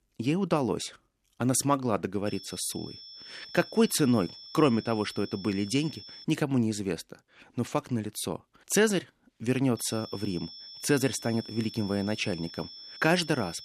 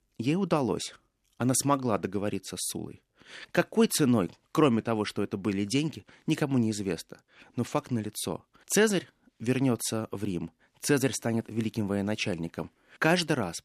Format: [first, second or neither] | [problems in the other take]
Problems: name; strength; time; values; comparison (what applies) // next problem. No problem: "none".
second | high-pitched whine; noticeable; from 2.5 to 6 s and from 10 s on; 5.5 kHz, 15 dB below the speech